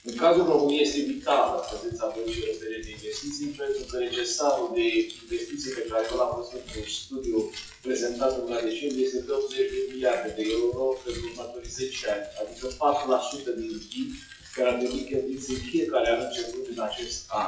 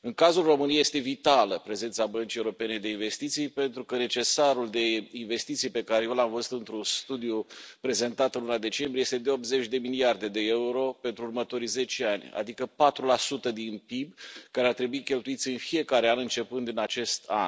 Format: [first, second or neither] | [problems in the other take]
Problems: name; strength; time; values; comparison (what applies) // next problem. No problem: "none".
second | noise reduction (classical method WPE with log-MMSE)